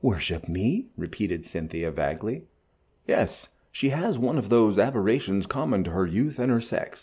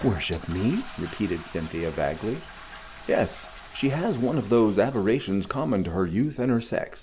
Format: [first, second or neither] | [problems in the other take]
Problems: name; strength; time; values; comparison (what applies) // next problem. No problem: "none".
first | background sound (Toilet flush); 17 dB below the speech